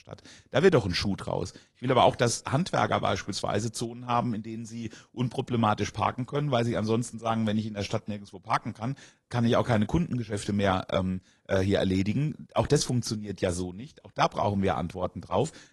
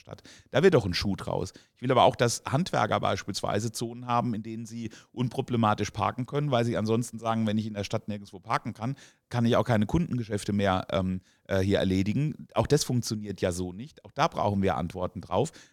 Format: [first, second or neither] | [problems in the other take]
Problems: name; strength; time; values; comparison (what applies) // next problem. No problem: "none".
second | garbled, watery; slightly